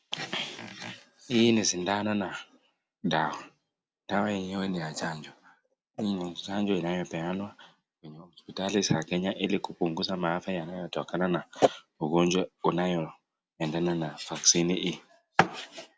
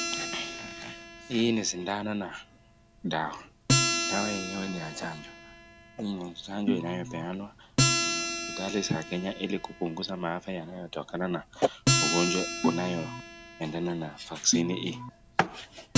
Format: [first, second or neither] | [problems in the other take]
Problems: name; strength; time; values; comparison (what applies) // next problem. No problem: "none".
first | background sound (Organ + Acoustic guitar); as loud as the speech